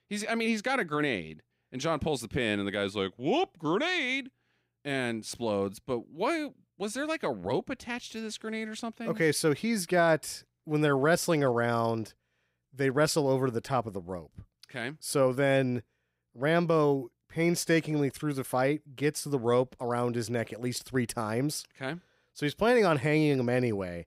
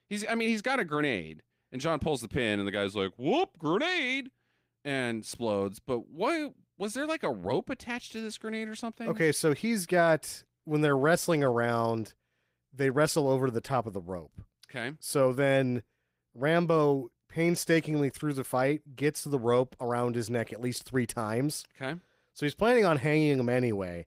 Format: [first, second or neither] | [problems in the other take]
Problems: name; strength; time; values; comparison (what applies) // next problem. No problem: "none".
first | garbled, watery; slightly; nothing above 15.5 kHz